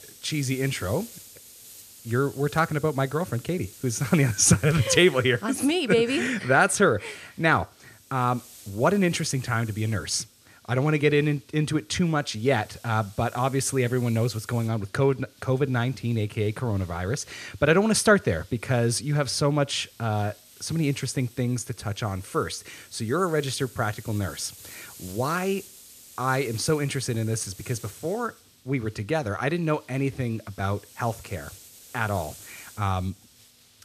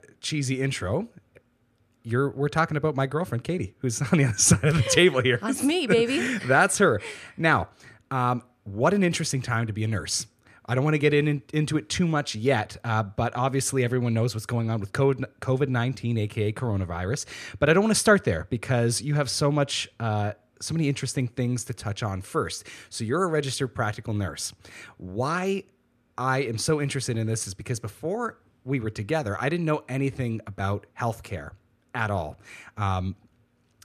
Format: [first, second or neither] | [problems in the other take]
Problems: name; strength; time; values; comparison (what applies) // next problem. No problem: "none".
second | hiss; faint; throughout; 20 dB below the speech